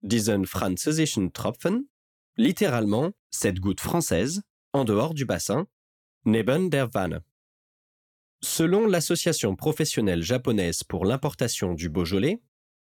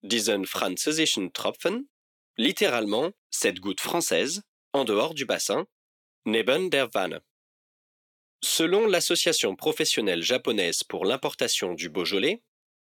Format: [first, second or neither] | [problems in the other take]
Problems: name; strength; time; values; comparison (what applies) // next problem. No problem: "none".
first | thin; somewhat; fading below 400 Hz